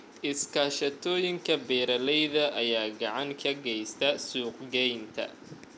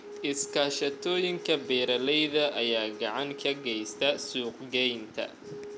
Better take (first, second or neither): first